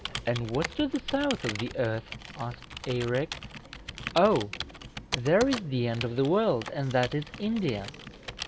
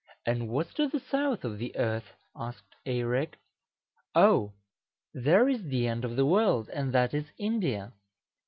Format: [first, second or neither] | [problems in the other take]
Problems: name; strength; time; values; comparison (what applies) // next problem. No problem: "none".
second | background sound (Computer keyboard); 10 dB below the speech